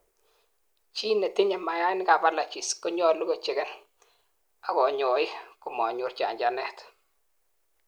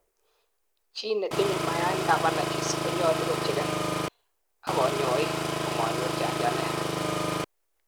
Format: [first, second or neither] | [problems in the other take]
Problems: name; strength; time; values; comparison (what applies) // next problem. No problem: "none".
first | background sound (Engine); 2 dB above the speech